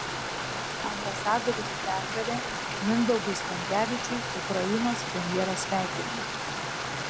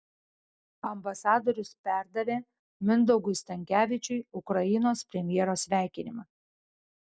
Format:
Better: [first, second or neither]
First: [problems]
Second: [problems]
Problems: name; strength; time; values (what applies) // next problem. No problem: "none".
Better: second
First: background sound (Stream); 1 dB below the speech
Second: none